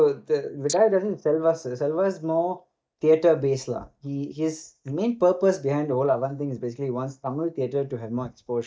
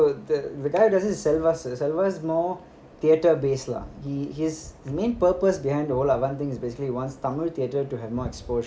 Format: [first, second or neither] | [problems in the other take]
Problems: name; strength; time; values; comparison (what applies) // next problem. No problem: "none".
second | noise reduction (neural mask model DeepFilterNet 3)